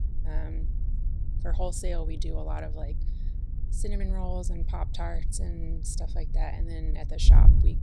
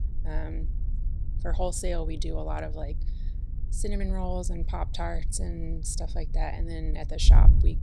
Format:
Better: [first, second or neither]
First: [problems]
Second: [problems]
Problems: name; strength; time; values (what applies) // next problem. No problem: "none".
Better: second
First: wind noise on the microphone; heavy; 8 dB below the speech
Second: wind noise on the microphone; occasional gusts; 15 dB below the speech